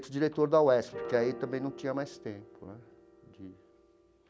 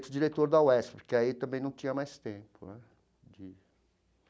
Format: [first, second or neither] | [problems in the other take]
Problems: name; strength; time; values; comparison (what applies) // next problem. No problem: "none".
second | background sound (Piano); 15 dB below the speech